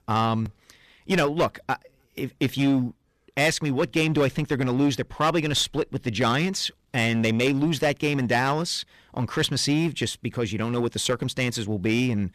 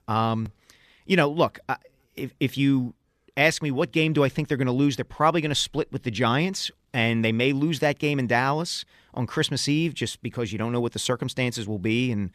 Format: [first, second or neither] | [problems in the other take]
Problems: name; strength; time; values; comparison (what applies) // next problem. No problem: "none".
second | distortion; slight; 7% of the sound clipped